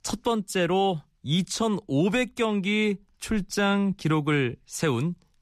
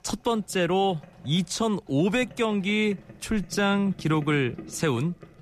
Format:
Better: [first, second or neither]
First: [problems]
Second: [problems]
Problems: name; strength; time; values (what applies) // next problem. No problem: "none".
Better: first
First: none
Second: household noises; faint; throughout; 20 dB below the speech